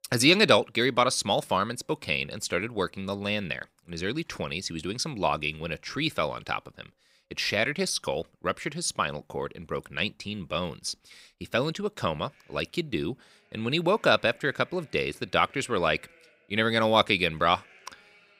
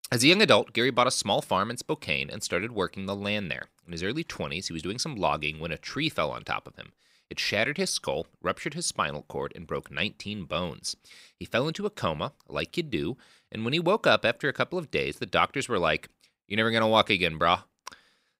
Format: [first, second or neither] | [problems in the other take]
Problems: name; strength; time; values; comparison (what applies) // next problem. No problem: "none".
second | animal sounds; faint; throughout; 30 dB below the speech